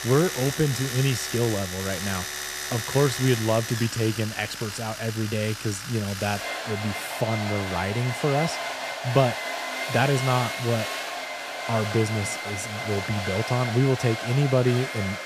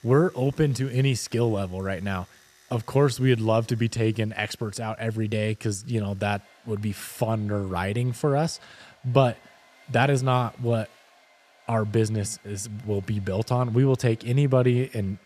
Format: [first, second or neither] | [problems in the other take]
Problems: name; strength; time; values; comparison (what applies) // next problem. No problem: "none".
second | household noises; loud; throughout; 5 dB below the speech; faint in the second